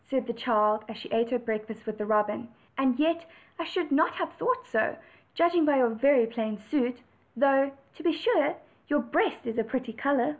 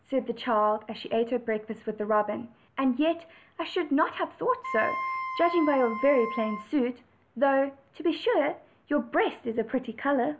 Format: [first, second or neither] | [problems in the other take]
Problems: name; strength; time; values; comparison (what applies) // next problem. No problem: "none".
first | background sound (Wind instrument, woodwind instrument); 6 dB below the speech